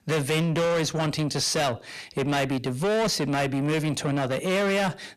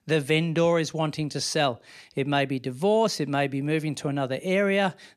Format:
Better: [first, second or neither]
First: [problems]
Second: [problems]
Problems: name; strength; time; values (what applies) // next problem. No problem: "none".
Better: second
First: distortion; heavy; 6 dB below the speech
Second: none